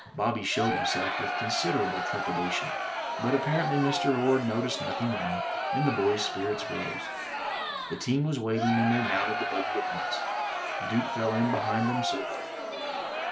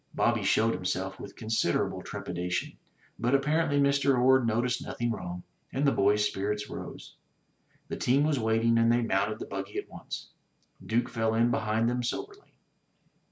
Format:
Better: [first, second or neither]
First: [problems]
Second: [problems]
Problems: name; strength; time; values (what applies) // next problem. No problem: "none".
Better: second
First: background sound (Crowd); 2 dB below the speech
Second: none